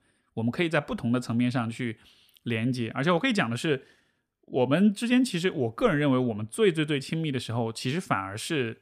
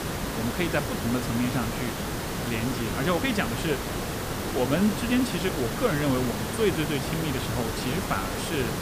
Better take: first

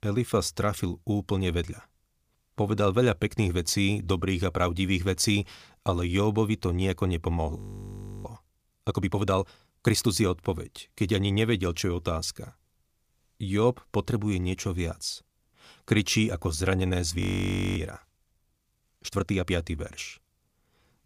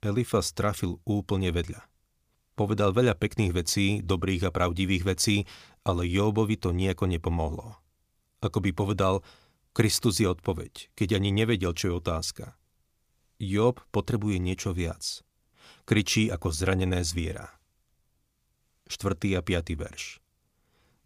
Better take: second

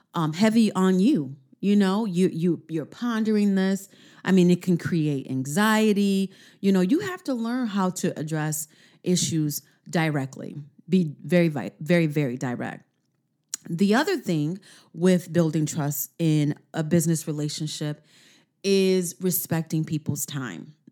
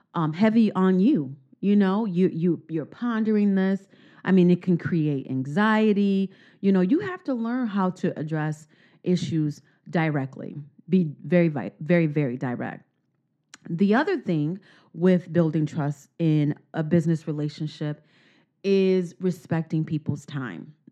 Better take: first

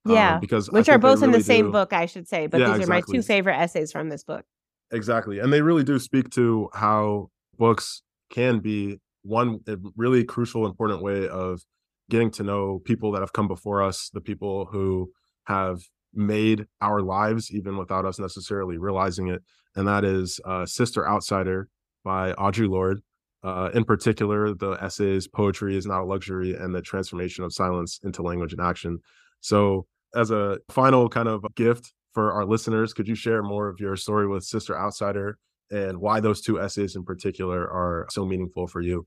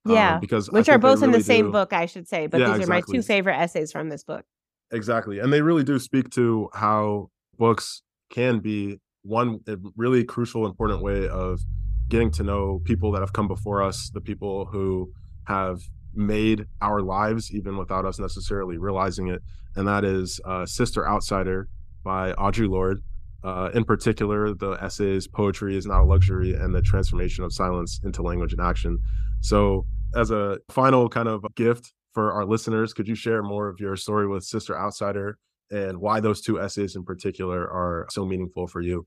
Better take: first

